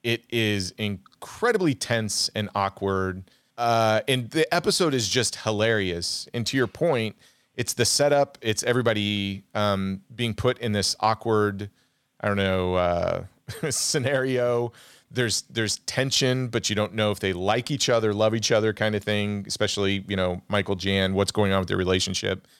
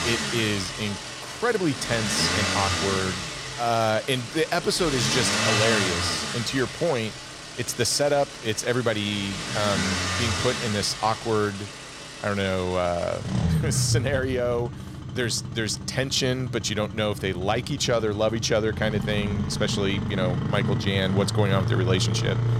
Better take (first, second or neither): first